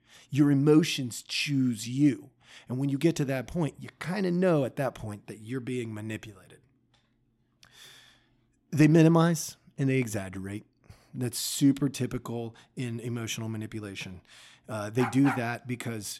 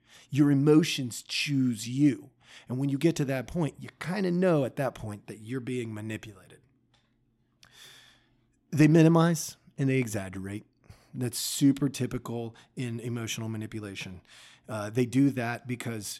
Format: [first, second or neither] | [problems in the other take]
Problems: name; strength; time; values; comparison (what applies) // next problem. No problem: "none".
second | dog barking; noticeable; at 15 s; peak 6 dB below the speech